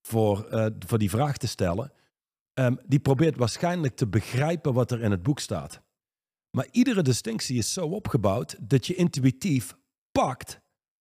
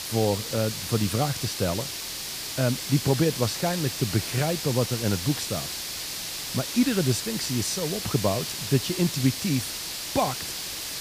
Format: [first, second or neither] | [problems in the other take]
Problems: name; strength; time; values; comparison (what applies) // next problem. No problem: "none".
first | hiss; loud; throughout; 4 dB below the speech